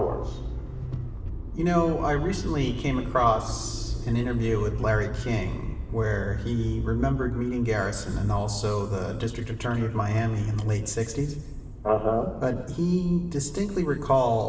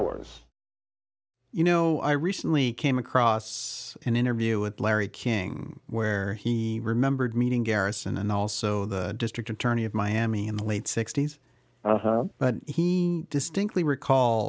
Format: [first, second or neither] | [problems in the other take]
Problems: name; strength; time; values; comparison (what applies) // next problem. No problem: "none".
second | background sound (Motor vehicle (road)); 7 dB below the speech // room echo; dies away in 1.2 s